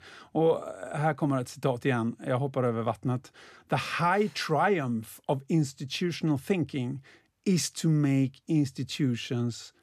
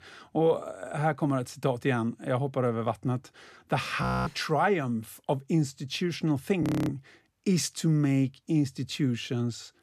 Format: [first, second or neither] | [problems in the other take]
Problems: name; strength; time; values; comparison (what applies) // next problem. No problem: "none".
first | audio freezing; at 4 s and at 6.5 s